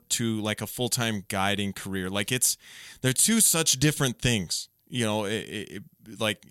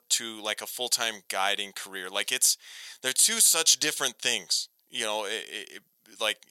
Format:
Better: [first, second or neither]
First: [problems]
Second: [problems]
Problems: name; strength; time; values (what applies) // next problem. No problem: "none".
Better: first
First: none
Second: thin; very; fading below 650 Hz